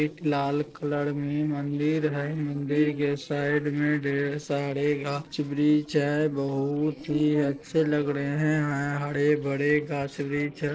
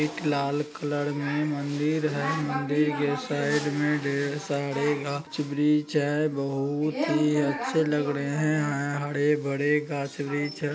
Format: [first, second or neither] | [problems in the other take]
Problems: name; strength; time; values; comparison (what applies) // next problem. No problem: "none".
second | noise reduction (neural separator model SepFormer DNS4)